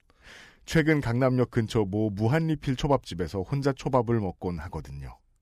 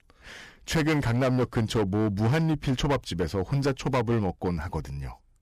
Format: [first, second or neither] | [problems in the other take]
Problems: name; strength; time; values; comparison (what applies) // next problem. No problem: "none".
first | distortion; heavy; 12% of the sound clipped